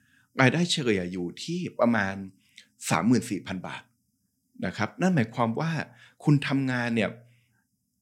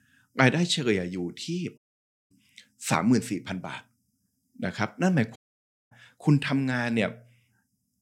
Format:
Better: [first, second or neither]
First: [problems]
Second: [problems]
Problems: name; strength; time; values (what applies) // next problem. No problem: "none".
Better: first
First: none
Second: audio cutting out; at 2 s for 0.5 s and at 5.5 s for 0.5 s